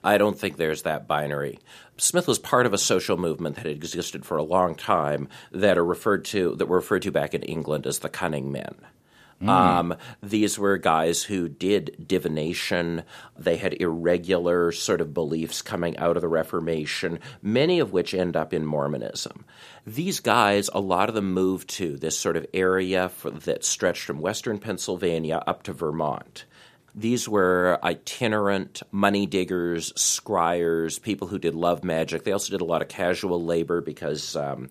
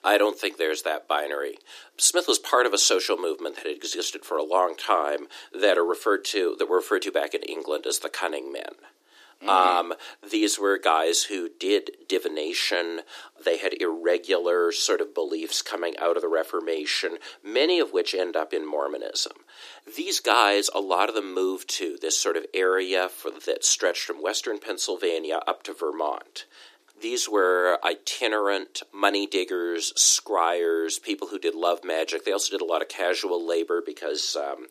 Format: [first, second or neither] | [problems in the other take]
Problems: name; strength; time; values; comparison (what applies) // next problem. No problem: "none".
first | thin; somewhat; fading below 300 Hz